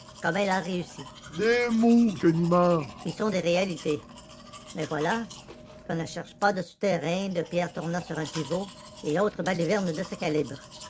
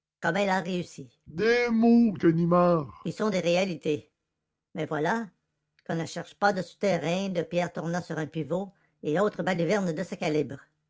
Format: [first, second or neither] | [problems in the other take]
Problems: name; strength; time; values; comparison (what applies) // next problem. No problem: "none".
second | background sound (Domestic sounds, home sounds); 18 dB below the speech